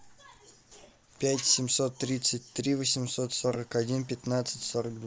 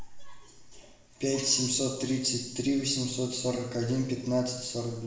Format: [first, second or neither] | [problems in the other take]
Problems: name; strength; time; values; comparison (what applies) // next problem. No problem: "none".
first | room echo; dies away in 0.9 s